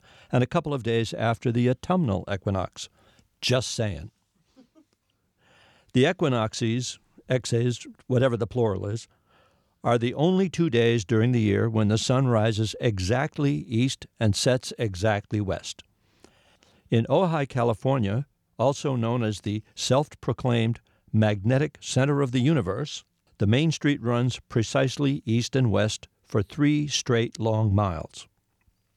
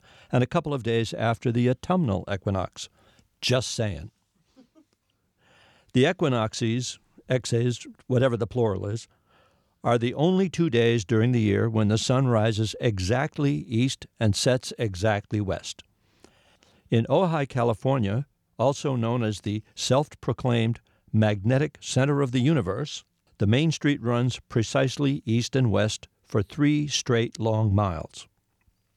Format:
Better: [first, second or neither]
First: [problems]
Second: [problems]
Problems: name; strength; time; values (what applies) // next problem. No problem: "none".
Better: neither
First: none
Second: none